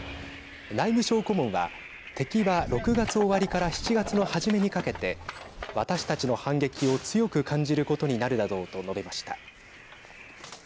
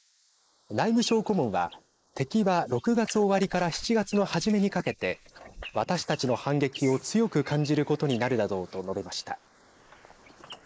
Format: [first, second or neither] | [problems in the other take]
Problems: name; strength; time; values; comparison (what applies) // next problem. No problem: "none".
first | noise reduction (neural mask model Resemble Enhance denoiser)